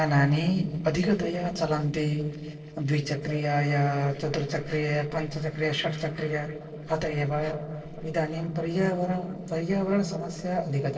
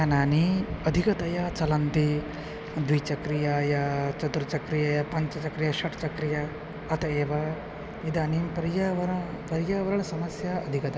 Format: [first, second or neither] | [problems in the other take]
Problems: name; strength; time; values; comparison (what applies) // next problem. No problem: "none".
second | noise reduction (neural separator model SepFormer DNS4)